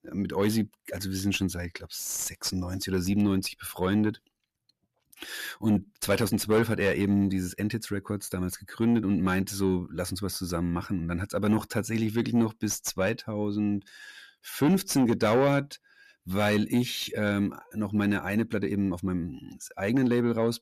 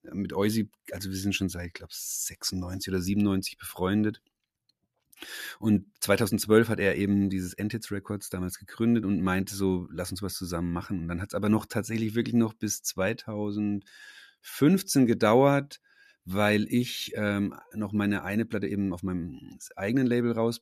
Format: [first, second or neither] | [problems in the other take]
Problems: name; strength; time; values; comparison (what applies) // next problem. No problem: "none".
second | distortion; slight; 10 dB below the speech